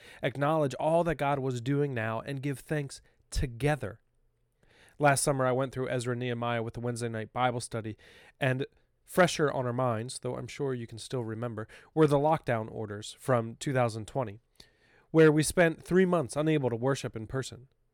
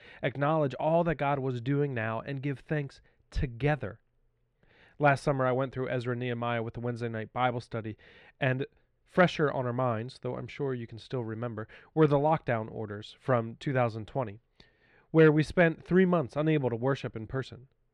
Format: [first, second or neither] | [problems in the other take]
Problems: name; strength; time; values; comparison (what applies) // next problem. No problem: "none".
first | muffled; slightly; fading above 3 kHz